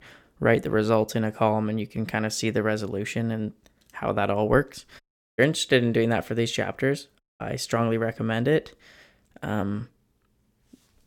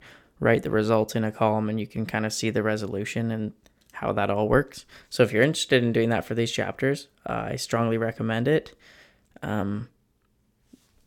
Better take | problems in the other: second | audio cutting out; at 5 s and at 7 s

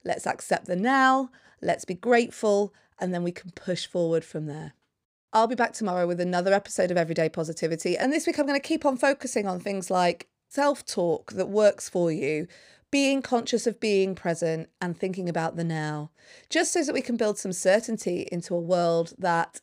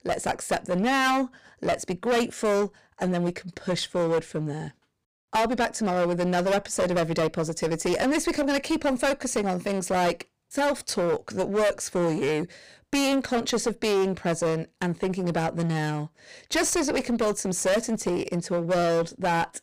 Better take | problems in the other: first | distortion; heavy; 16% of the sound clipped

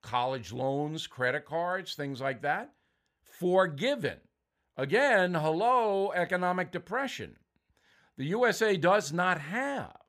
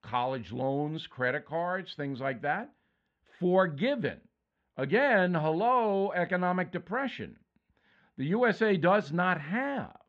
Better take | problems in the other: first | muffled; slightly; fading above 3.5 kHz

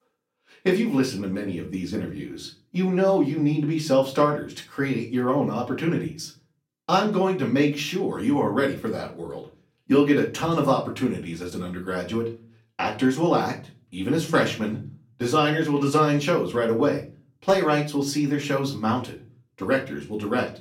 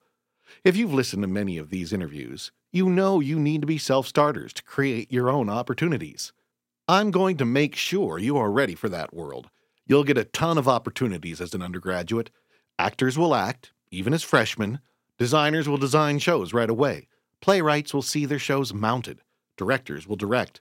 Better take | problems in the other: second | off-mic speech; far // room echo; very slight; dies away in 0.3 s

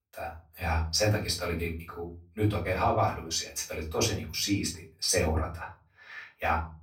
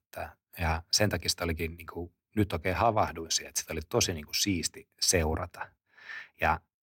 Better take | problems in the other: second | room echo; slight; dies away in 0.3 s // off-mic speech; far

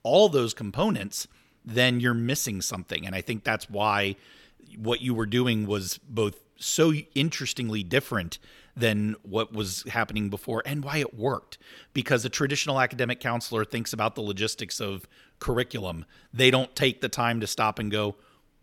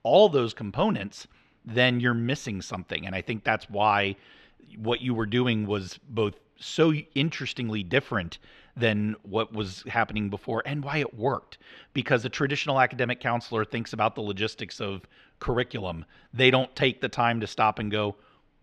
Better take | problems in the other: first | muffled; slightly; fading above 3 kHz

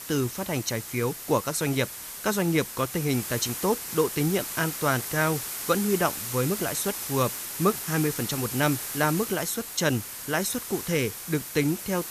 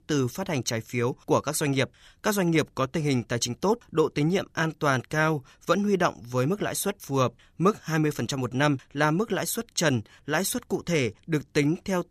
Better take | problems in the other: second | hiss; loud; throughout; 6 dB below the speech

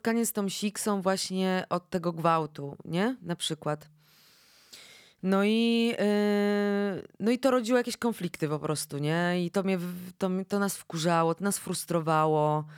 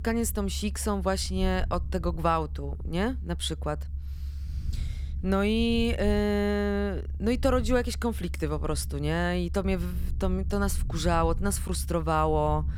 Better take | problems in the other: first | low rumble; faint; throughout; 25 dB below the speech

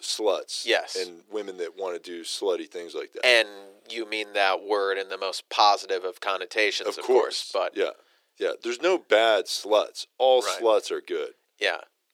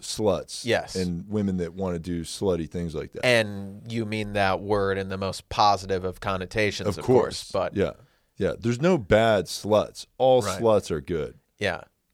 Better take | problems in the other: second | thin; very; fading below 350 Hz

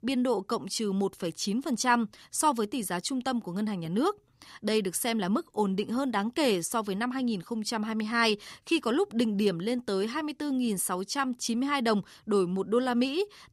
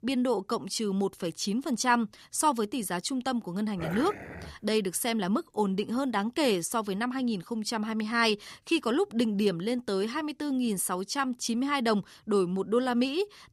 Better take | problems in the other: first | dog barking; noticeable; at 4 s; peak 8 dB below the speech

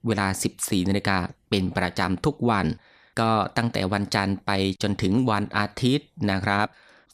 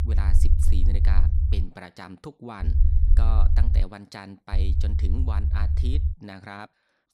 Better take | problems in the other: first | low rumble; loud; until 1.5 s, from 2.5 to 4 s and from 4.5 to 6 s; 3 dB below the speech

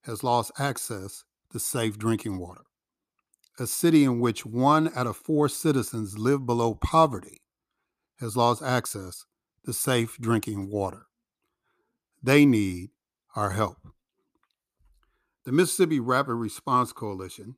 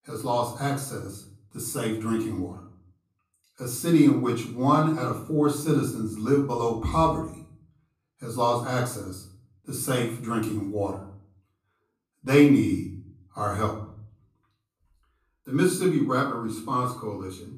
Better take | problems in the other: first | room echo; slight; dies away in 0.5 s // off-mic speech; far

